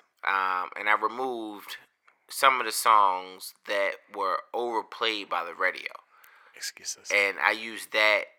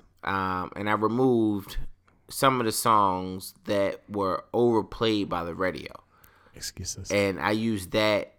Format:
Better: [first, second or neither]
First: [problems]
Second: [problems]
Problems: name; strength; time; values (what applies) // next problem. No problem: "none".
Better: second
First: thin; very; fading below 700 Hz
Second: none